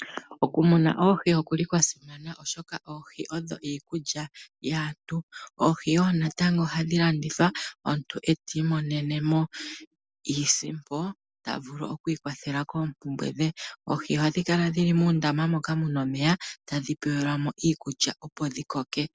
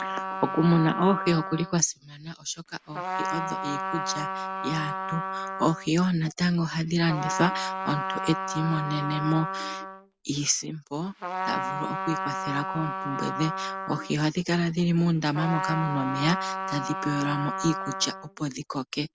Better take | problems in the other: first | background sound (Trumpet); 5 dB below the speech

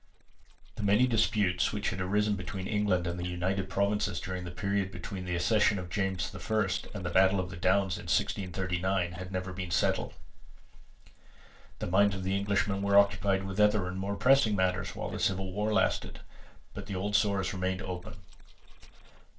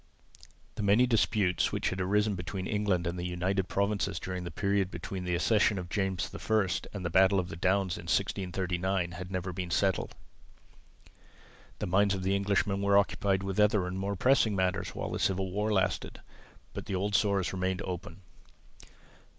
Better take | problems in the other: second | noise reduction (neural separator model SepFormer DNS4)

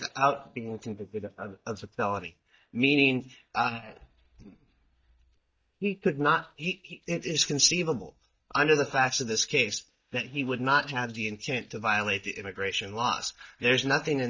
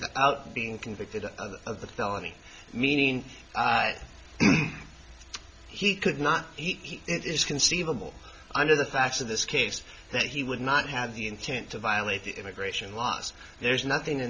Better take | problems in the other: second | noise reduction (neural mask model DeepFilterNet 3)

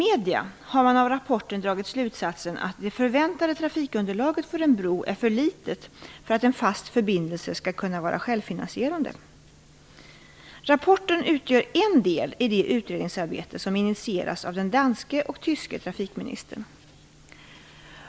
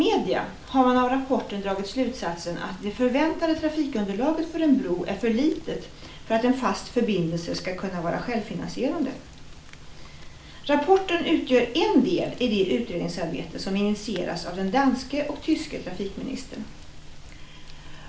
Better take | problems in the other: first | background sound (Rain); 16 dB below the speech // room echo; dies away in 0.4 s

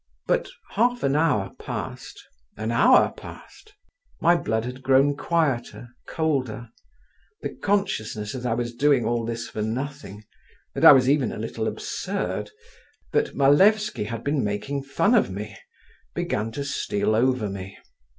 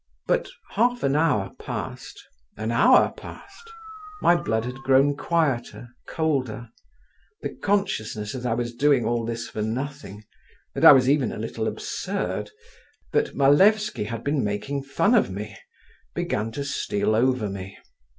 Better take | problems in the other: first | background sound (Dog); 17 dB below the speech

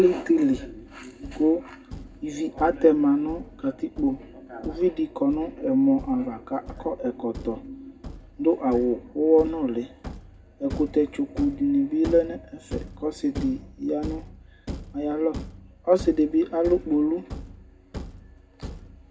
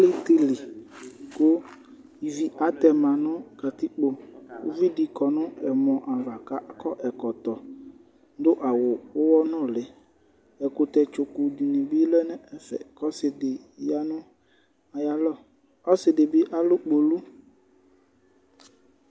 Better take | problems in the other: second | background sound (Thump, thud); 15 dB below the speech // room echo; dies away in 0.3 s

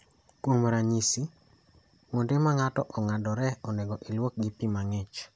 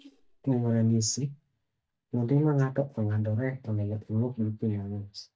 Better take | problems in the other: first | noise reduction (neural mask model DeepFilterNet 3)

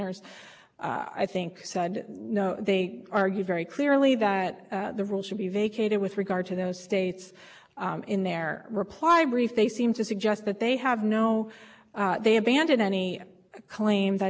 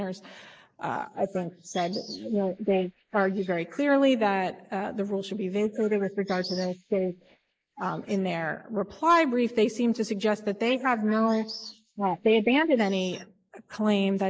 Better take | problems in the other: first | noise reduction (neural mask model Resemble Enhance denoiser)

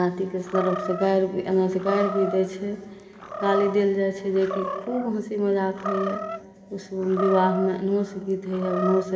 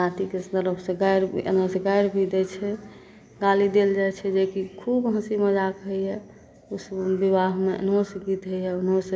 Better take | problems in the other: second | background sound (Animal); 9 dB below the speech // room echo; dies away in 2 s

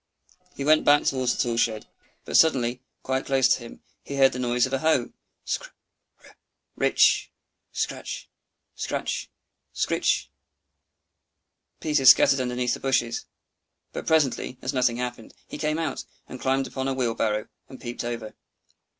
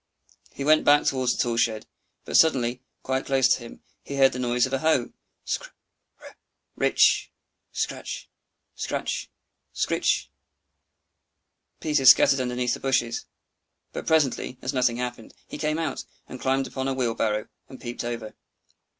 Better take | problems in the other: second | noise reduction (neural separator model SepFormer DNS4)

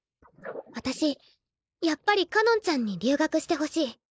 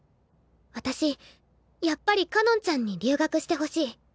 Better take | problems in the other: second | noise reduction (neural mask model Resemble Enhance denoiser)

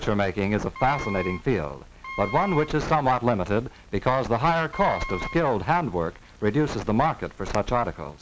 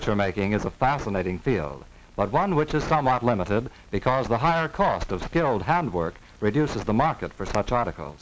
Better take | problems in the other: second | background sound (Wind instrument, woodwind instrument); 13 dB below the speech

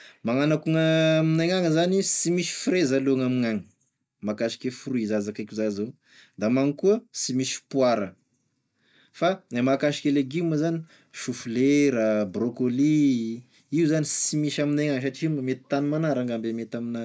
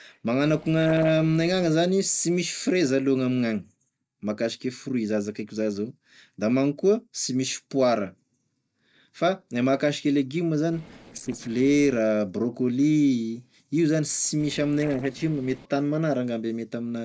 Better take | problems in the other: first | noise reduction (neural separator model SepFormer DNS4)

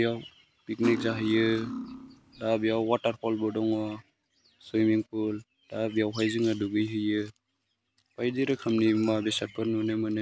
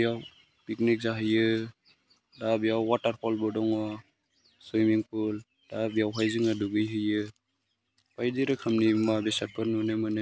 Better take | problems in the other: second | background sound (Cutlery, silverware); 9 dB below the speech

